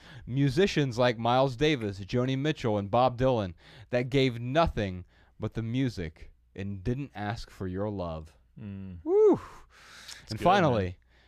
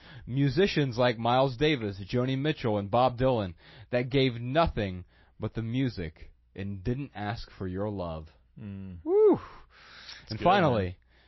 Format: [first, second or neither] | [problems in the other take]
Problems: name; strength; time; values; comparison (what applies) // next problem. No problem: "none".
first | garbled, watery; slightly; nothing above 5.5 kHz